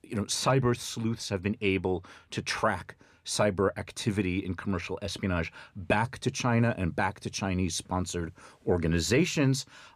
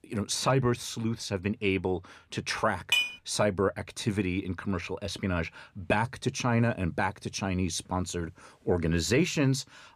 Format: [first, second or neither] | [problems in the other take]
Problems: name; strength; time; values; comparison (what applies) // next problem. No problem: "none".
first | clattering dishes; loud; at 3 s; peak 4 dB above the speech